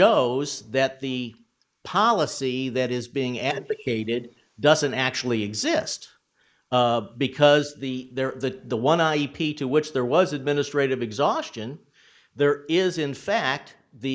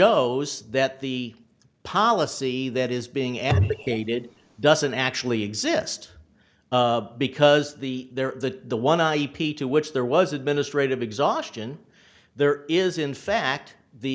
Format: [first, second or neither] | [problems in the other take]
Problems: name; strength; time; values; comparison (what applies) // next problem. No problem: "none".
second | noise reduction (neural mask model Resemble Enhance denoiser)